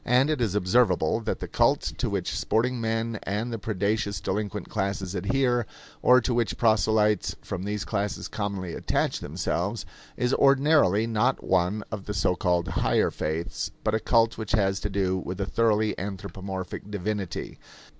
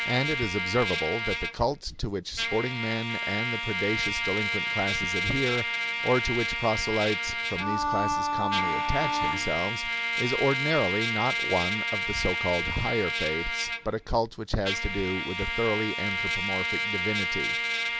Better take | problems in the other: first | background sound (Trumpet + Bowed string instrument); as loud as the speech

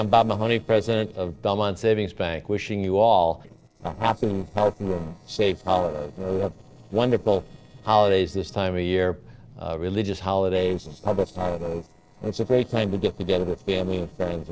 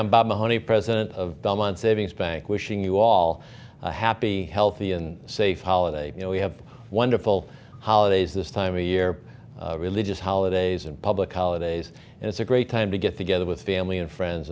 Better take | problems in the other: second | noise reduction (neural separator model SepFormer DNS4)

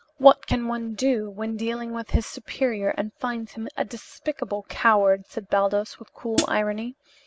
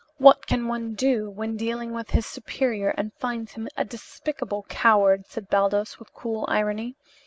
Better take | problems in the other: second | background sound (Hi-hat); 2 dB below the speech

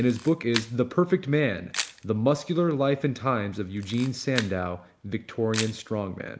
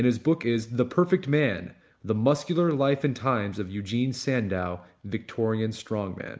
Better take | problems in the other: second | background sound (Camera); 13 dB below the speech

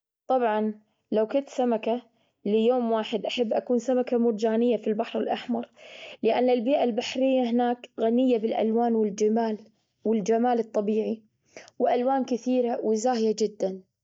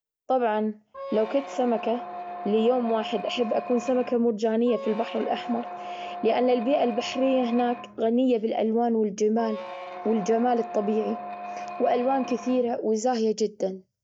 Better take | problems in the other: first | background sound (Squeak); 11 dB below the speech

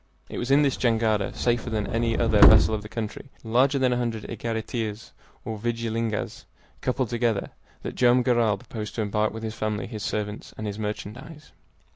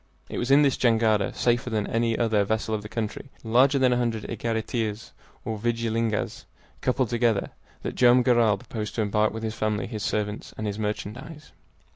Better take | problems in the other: second | background sound (Subway, metro, underground); 3 dB above the speech

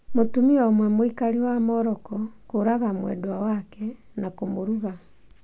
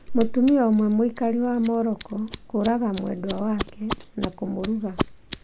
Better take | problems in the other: first | background sound (Scissors); 12 dB below the speech

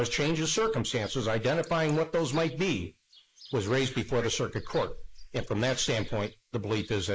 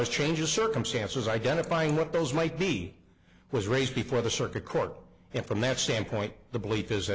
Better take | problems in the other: second | noise reduction (neural mask model Resemble Enhance denoiser)

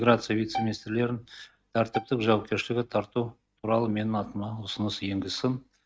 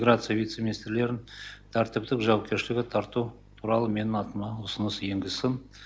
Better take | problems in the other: second | noise reduction (neural mask model RNNoise)

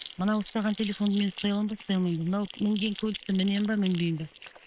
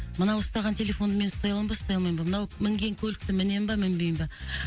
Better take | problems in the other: second | noise reduction (neural separator model SepFormer WHAM!)

